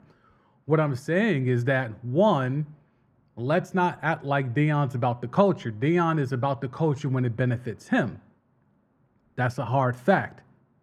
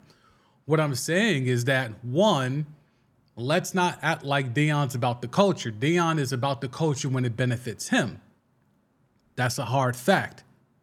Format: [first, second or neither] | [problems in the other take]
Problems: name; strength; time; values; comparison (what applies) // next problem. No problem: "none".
second | muffled; very; fading above 3 kHz